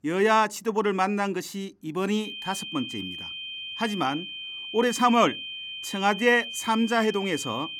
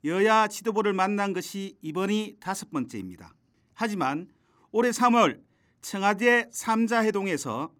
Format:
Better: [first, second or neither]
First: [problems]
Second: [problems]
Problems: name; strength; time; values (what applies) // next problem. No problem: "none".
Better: second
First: high-pitched whine; loud; from 2 s on; 3 kHz, 9 dB below the speech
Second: none